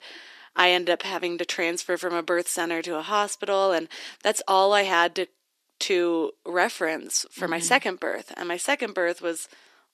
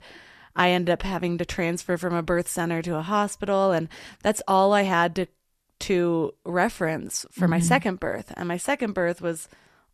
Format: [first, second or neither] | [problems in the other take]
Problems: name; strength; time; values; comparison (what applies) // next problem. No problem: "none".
second | thin; somewhat; fading below 300 Hz